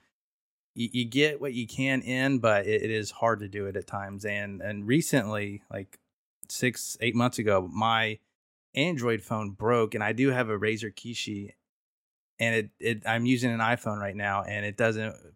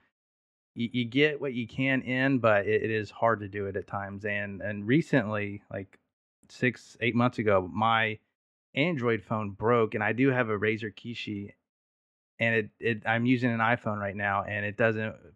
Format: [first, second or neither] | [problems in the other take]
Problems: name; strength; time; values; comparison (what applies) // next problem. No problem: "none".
first | muffled; slightly; fading above 2.5 kHz